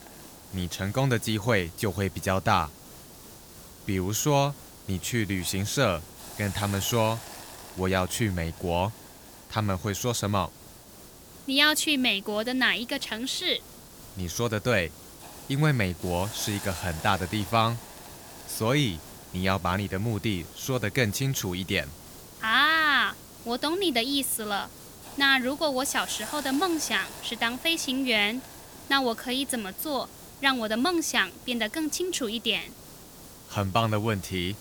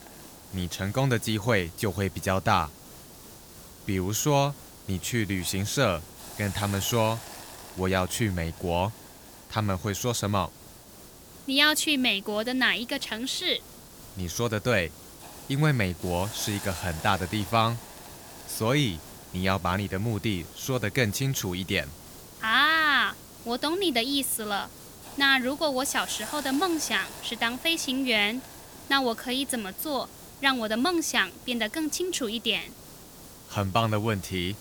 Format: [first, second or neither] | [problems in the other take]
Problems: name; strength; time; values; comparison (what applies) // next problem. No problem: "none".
neither | hiss; noticeable; throughout; 15 dB below the speech; the same in both